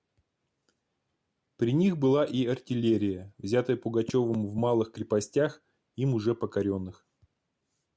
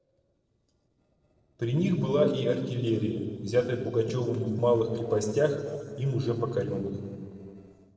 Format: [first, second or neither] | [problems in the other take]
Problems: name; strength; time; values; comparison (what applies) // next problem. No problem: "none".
first | noise reduction (neural separator model SepFormer DNS4)